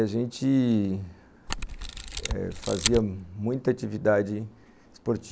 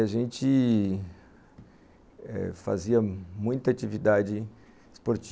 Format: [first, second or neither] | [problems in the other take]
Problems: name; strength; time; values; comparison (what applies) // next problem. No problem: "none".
second | background sound (Camera); 5 dB below the speech